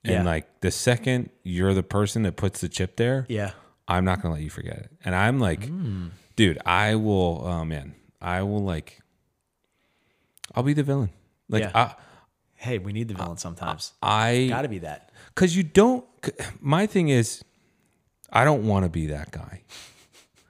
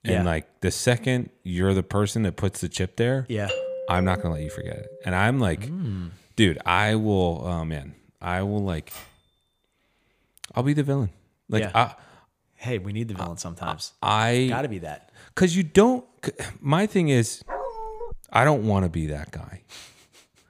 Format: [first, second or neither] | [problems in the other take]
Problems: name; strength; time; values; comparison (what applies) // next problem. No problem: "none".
first | doorbell; noticeable; from 3.5 to 5 s; peak 5 dB below the speech // keyboard typing; faint; at 9 s; peak 15 dB below the speech // dog barking; noticeable; at 17 s; peak 8 dB below the speech